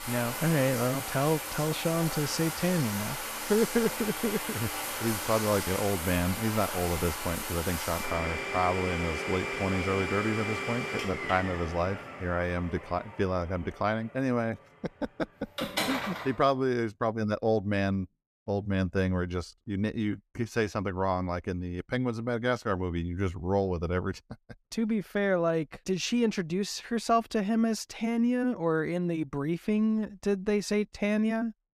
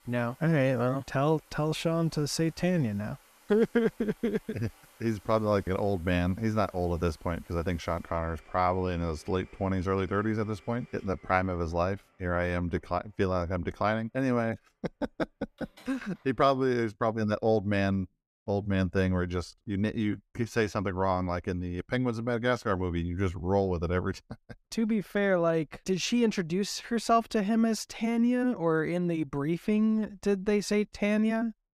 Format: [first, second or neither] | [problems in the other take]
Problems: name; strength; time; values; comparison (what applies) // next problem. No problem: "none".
second | household noises; loud; until 16 s; 4 dB below the speech; faint in the second